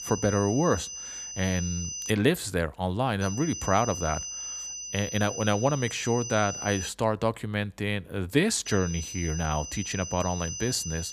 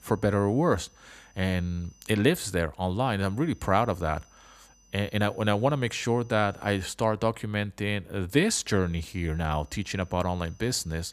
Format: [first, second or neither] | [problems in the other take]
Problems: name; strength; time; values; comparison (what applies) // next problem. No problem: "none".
second | high-pitched whine; loud; until 2 s, from 3 to 7 s and from 8.5 s on; 6 kHz, 7 dB below the speech; faint in the second